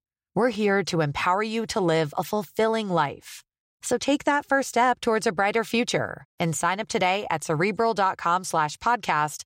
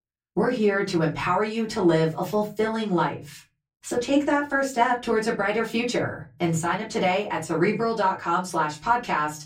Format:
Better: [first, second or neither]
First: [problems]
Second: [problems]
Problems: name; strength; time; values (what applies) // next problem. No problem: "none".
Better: first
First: none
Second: off-mic speech; far // room echo; very slight; dies away in 0.3 s